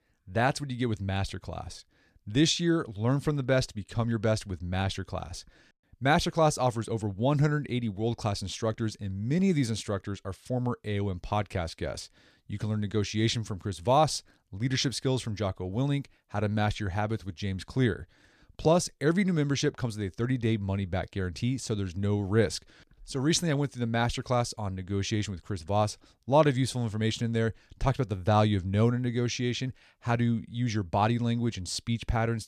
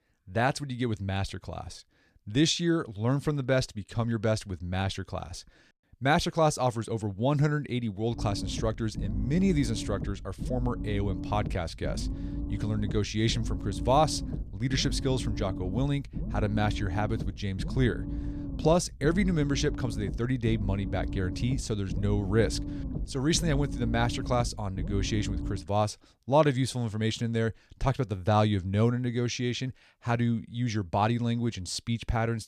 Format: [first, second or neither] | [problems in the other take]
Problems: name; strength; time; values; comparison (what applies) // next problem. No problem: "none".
first | low rumble; noticeable; from 8 to 26 s; 15 dB below the speech